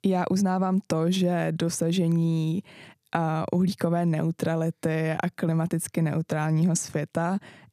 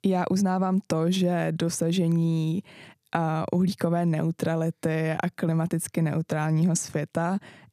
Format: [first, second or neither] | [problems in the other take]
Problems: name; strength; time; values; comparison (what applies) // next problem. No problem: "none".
neither | none